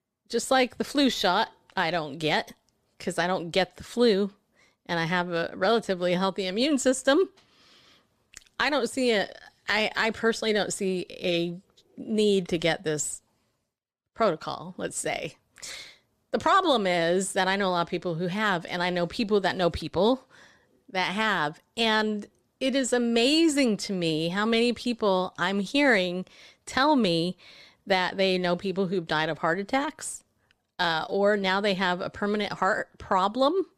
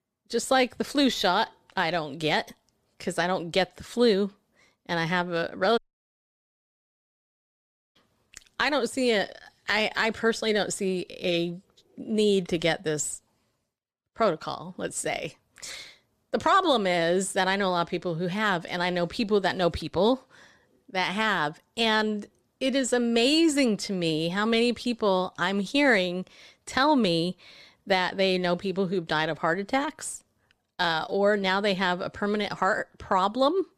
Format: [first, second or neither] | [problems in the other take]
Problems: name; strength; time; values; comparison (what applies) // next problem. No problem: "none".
first | audio cutting out; at 6 s for 2 s